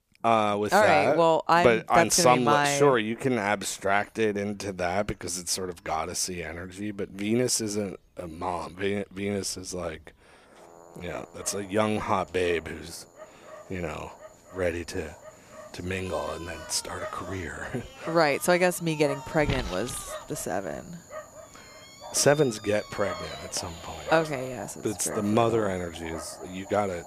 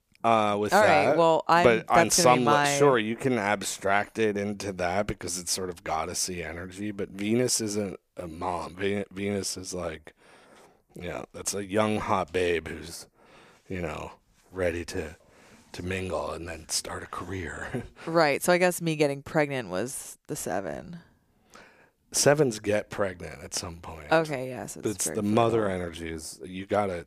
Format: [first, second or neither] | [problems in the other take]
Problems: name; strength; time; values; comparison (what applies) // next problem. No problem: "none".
second | animal sounds; noticeable; throughout; 15 dB below the speech